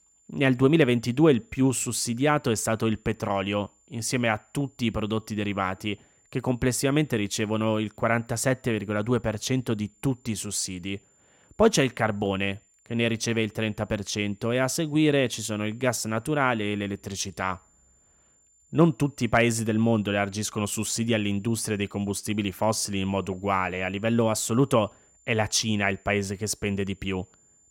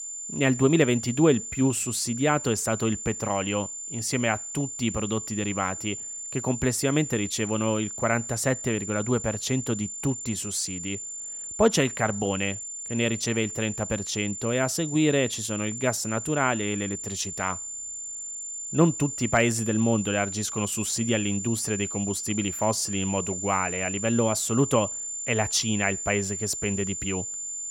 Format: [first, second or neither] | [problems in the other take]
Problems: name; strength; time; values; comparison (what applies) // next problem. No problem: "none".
first | high-pitched whine; loud; throughout; 7 kHz, 6 dB below the speech; faint in the first